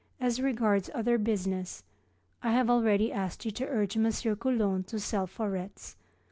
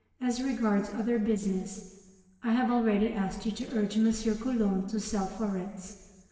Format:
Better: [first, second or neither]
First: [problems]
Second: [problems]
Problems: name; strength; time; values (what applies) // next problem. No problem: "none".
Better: first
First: none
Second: noise reduction (neural separator model SepFormer DNS4)